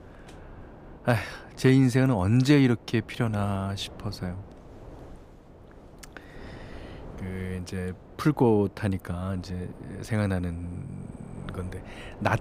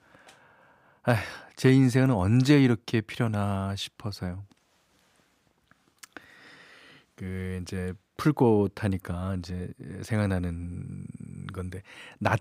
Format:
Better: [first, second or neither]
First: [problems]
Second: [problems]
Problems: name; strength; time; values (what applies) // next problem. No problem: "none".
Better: second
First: wind noise on the microphone; occasional gusts; 20 dB below the speech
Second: none